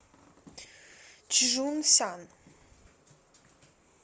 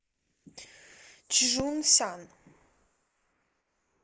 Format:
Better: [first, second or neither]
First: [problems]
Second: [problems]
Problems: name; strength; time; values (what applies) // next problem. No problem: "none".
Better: first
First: none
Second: noise reduction (neural mask model Resemble Enhance denoiser)